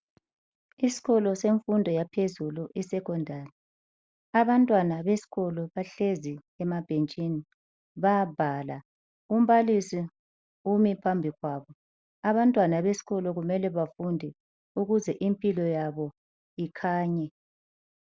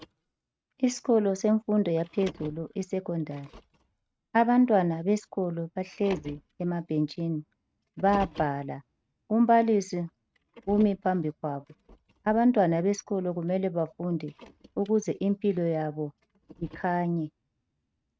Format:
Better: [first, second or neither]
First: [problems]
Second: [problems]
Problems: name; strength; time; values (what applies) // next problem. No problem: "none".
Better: first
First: none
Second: noise reduction (neural mask model RNNoise)